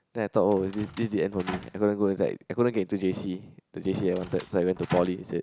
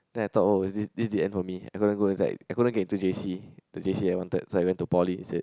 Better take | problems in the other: second | background sound (Door); 14 dB below the speech

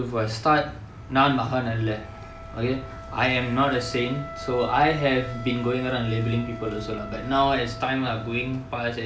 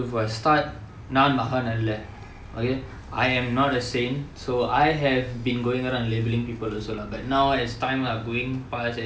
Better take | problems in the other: second | background sound (Wind instrument, woodwind instrument); 16 dB below the speech

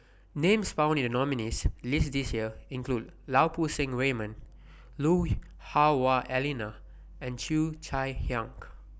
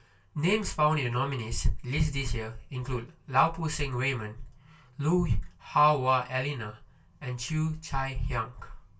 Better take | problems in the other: first | room echo; dies away in 0.2 s

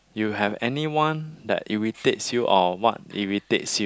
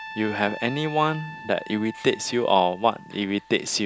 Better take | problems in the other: first | background sound (Trumpet); 16 dB below the speech

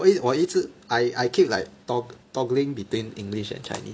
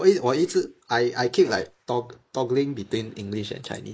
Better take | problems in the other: first | noise reduction (neural mask model Resemble Enhance denoiser)

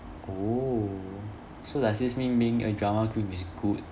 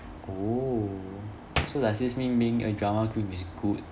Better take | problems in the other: first | background sound (Hands); 12 dB below the speech

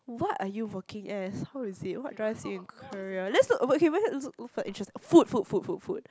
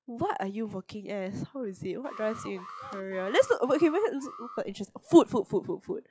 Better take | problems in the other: first | noise reduction (classical method log-MMSE)

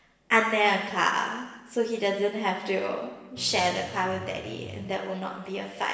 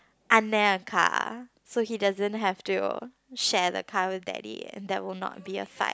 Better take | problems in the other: second | background sound (Bass guitar); 14 dB below the speech // room echo; dies away in 1.2 s

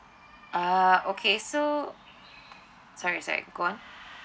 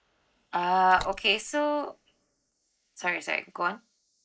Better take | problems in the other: first | noise reduction (neural mask model Resemble Enhance denoiser)

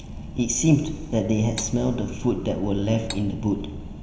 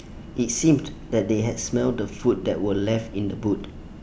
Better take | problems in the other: second | background sound (Cutlery, silverware); 15 dB below the speech // room echo; dies away in 2 s

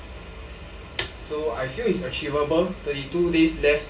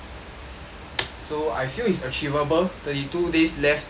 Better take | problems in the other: second | room echo; dies away in 0.3 s

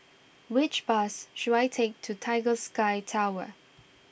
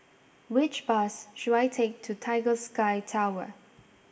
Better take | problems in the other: first | room echo; dies away in 1.4 s

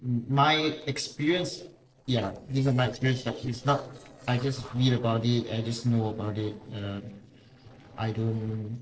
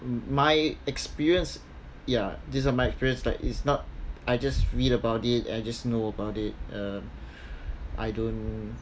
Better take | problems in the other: second | noise reduction (neural separator model SepFormer DNS4)

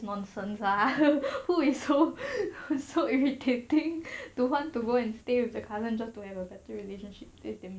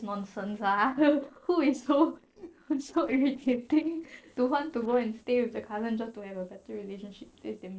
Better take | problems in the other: first | noise reduction (neural separator model SepFormer DNS4)

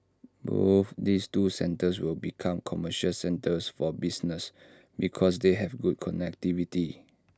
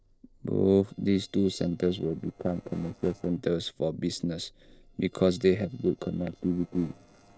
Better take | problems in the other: first | noise reduction (neural separator model SepFormer DNS4)

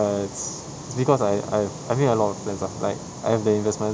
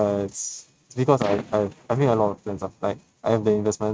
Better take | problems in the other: first | noise reduction (neural mask model RNNoise)

